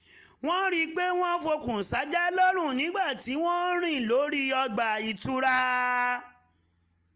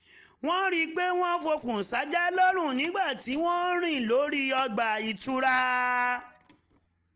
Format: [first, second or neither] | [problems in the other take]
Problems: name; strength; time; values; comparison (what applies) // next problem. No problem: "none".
first | noise reduction (neural separator model SepFormer DNS4)